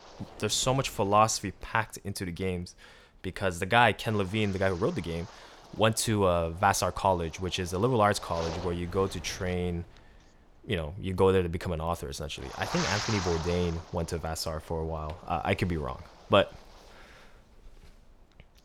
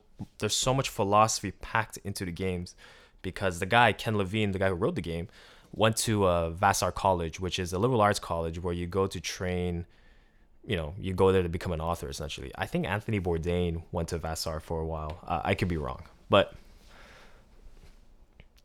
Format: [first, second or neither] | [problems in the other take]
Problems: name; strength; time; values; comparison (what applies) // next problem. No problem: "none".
second | wind noise on the microphone; occasional gusts; 10 dB below the speech